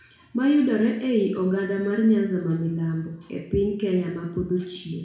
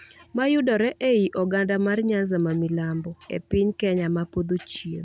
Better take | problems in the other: second | room echo; dies away in 0.6 s

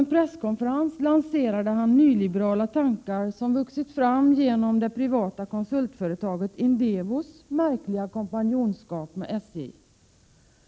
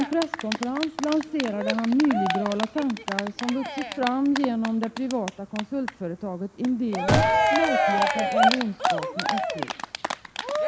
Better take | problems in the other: first | background sound (Cheering + Gunshot, gunfire); as loud as the speech

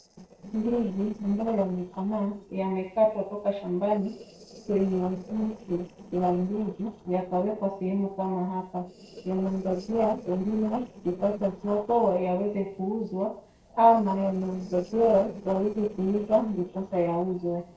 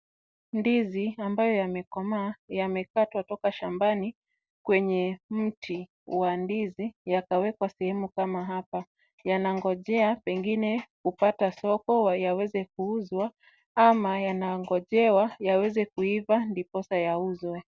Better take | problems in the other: second | noise reduction (neural separator model SepFormer DNS4)

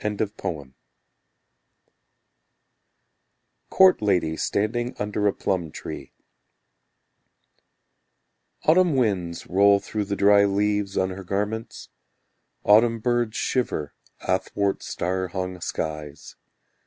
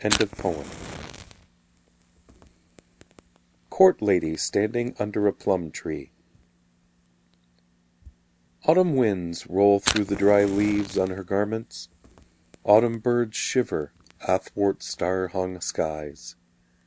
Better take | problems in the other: first | background sound (Fire); 14 dB below the speech

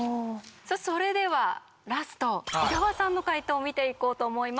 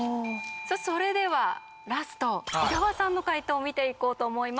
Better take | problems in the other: first | background sound (Bell / Doorbell); 16 dB below the speech

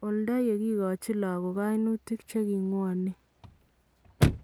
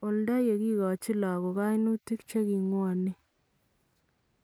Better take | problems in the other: second | background sound (Chirp, tweet / Slam / Car); 6 dB below the speech

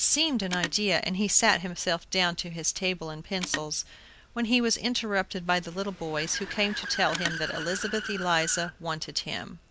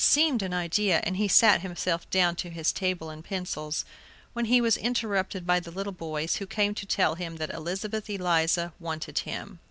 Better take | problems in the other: second | background sound (Telephone + Accelerating, revving, vroom / Car); 11 dB below the speech

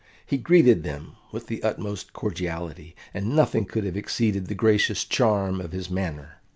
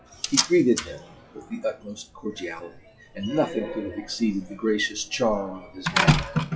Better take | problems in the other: first | noise reduction (classical method WPE with log-MMSE)

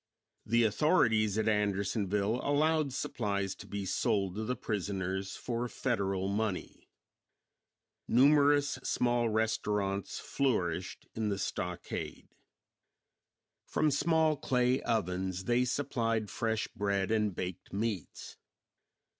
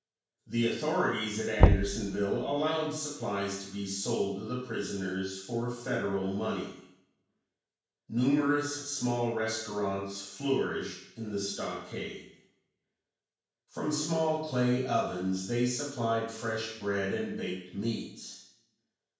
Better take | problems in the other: first | background sound (Knock / Wood); 4 dB above the speech // room echo; dies away in 0.7 s

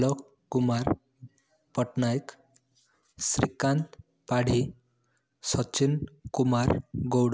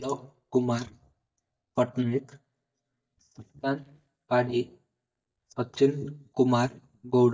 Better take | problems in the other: first | noise reduction (neural mask model DeepFilterNet 3)

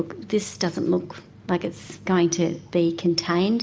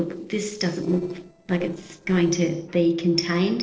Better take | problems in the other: first | noise reduction (neural separator model SepFormer DNS4)

